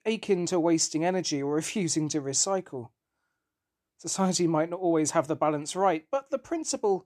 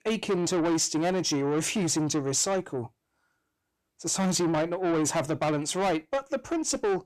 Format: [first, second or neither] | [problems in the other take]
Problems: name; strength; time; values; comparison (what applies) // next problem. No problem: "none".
first | distortion; heavy; 8 dB below the speech